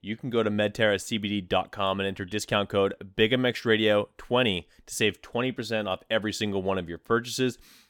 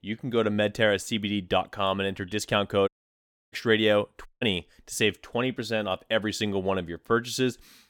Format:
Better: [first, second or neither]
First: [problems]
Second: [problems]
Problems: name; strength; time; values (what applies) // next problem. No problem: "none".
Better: first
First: none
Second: audio cutting out; at 3 s for 0.5 s and at 4.5 s